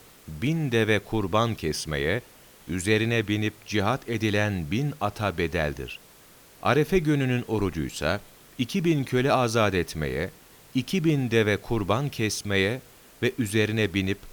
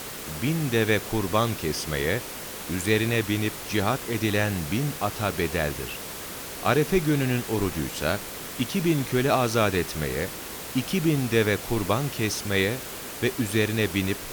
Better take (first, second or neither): first